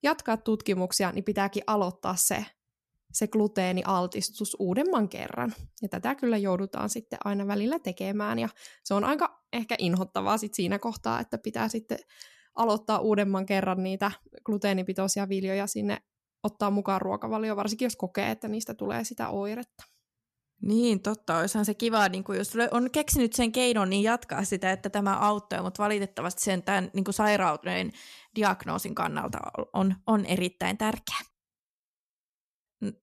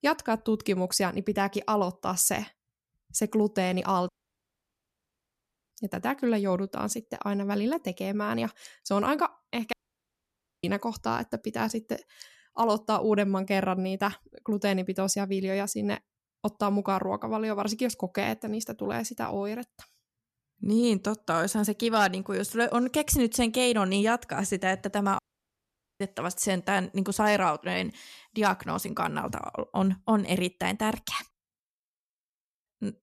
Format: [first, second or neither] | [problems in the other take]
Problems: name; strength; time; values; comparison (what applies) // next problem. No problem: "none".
first | audio cutting out; at 4 s for 1.5 s, at 9.5 s for 1 s and at 25 s for 1 s